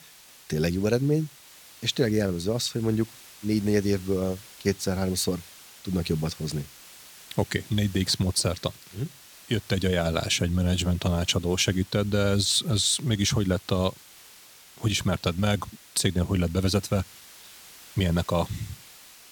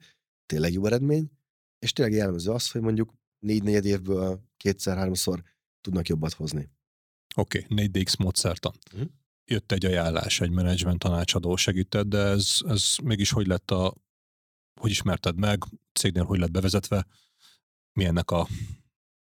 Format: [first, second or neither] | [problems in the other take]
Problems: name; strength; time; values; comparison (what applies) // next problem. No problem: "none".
second | hiss; faint; throughout; 20 dB below the speech